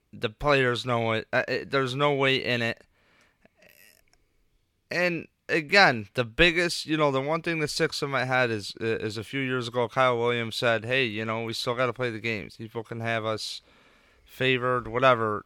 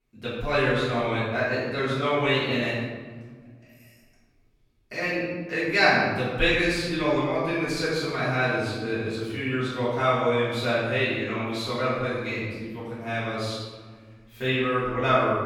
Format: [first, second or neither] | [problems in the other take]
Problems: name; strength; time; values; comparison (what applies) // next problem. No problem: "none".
first | room echo; strong; dies away in 1.4 s // off-mic speech; far